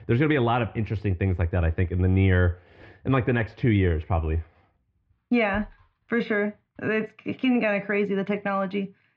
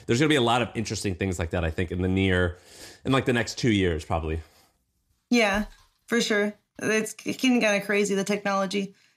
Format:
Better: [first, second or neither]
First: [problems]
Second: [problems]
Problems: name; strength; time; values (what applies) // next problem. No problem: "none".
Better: second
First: muffled; very; fading above 2.5 kHz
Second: none